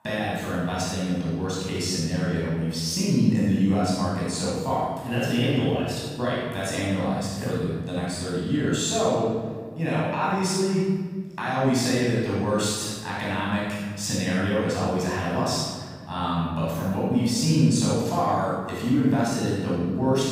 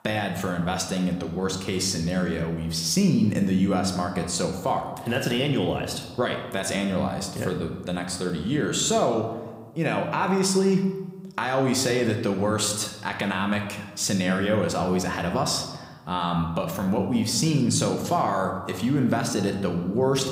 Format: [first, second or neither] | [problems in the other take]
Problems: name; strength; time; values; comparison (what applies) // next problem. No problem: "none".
second | room echo; strong; dies away in 1.6 s; slight in the second // off-mic speech; far